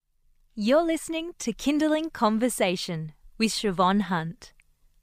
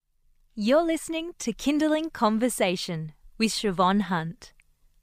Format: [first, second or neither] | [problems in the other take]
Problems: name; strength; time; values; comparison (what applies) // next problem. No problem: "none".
neither | none